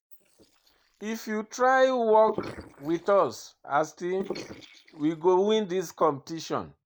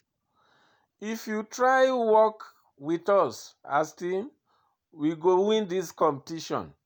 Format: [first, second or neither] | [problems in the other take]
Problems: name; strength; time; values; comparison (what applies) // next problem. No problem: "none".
second | noise reduction (neural mask model Resemble Enhance denoiser)